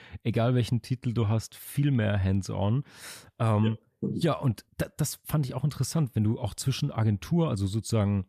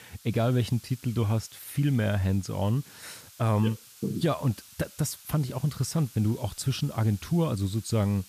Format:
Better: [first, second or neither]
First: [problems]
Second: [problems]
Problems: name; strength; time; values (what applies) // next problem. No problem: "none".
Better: first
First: none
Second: hiss; faint; throughout; 20 dB below the speech